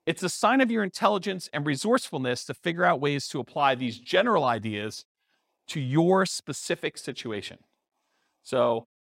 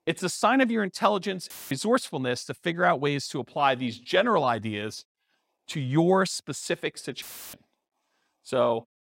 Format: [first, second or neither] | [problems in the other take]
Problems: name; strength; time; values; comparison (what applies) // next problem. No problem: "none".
first | audio cutting out; filled with static; at 1.5 s and at 7 s